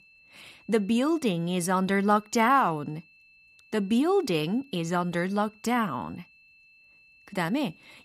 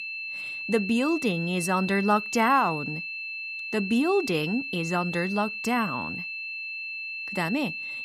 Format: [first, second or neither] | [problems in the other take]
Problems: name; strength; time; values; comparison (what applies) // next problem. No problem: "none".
first | high-pitched whine; loud; throughout; 2.5 kHz, 6 dB below the speech; faint in the first